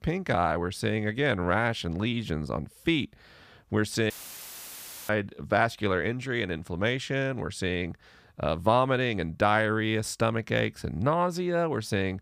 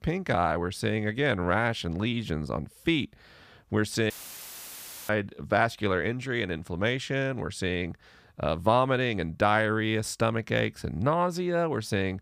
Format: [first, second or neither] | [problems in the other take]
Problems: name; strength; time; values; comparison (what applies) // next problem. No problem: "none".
neither | audio cutting out; filled with static; at 4 s for 1 s; the same in both